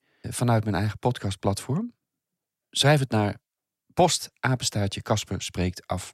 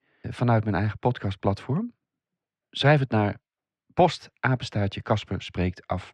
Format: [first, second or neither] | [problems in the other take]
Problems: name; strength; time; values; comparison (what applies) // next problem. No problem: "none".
first | muffled; slightly; fading above 2.5 kHz